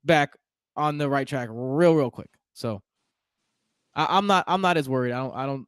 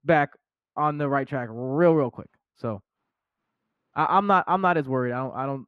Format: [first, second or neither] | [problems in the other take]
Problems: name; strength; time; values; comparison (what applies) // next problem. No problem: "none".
first | muffled; very; fading above 3.5 kHz